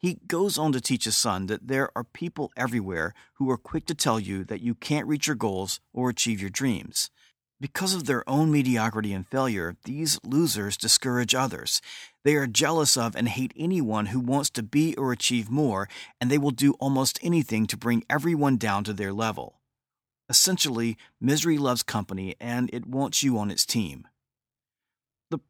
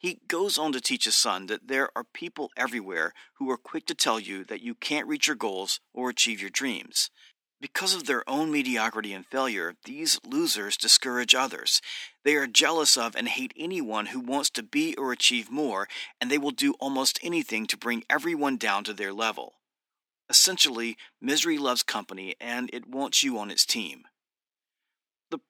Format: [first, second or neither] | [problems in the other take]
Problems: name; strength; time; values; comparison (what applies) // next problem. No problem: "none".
first | thin; very slightly; fading below 250 Hz